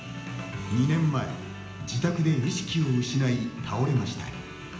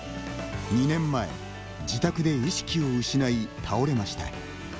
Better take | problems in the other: second | room echo; dies away in 0.9 s

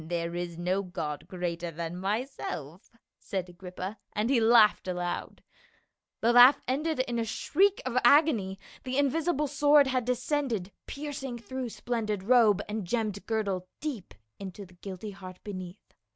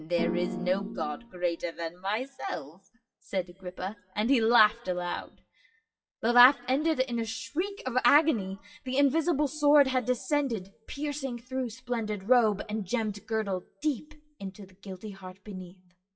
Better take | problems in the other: first | noise reduction (classical method WPE with log-MMSE)

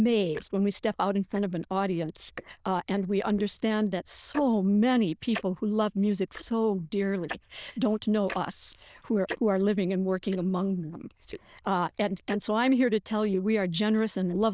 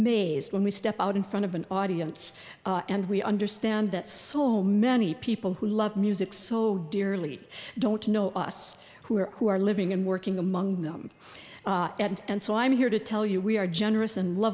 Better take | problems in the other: second | noise reduction (neural diffusion model UNIVERSE++)

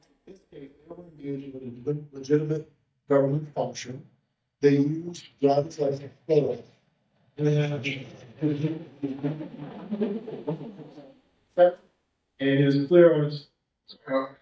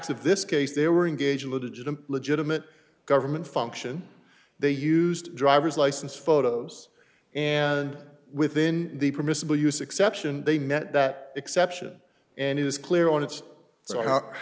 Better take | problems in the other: second | noise reduction (neural mask model DeepFilterNet 3)

